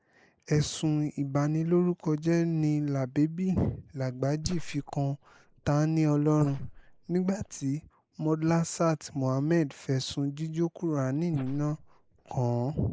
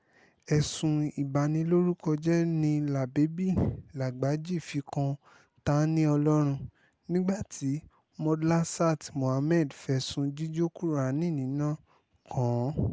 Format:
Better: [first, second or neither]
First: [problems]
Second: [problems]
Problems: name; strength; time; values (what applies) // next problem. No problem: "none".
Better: second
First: noise reduction (neural mask model Resemble Enhance denoiser)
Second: none